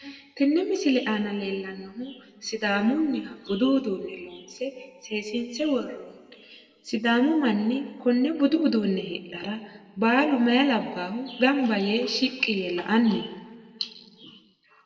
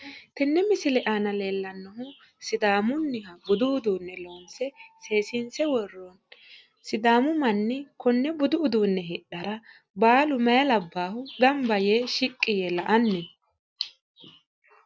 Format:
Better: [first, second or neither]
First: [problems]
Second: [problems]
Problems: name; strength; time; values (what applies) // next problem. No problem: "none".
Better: second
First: room echo; dies away in 1.3 s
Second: none